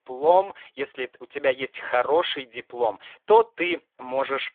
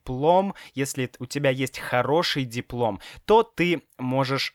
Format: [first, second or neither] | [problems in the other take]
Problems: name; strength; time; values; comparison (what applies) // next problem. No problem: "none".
second | phone-call audio; poor line; nothing above 3.5 kHz